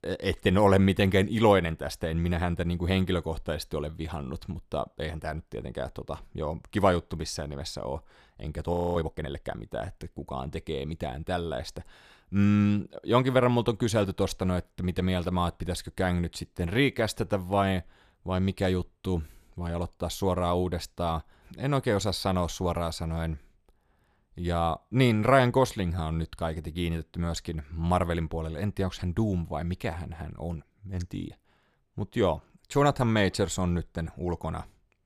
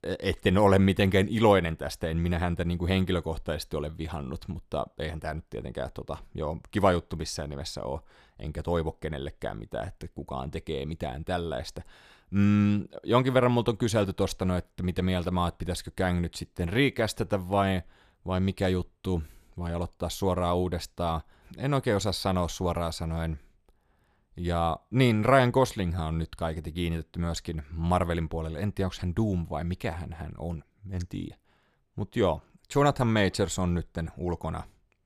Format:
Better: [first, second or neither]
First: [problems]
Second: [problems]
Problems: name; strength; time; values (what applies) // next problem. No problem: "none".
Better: second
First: audio freezing; at 8.5 s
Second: none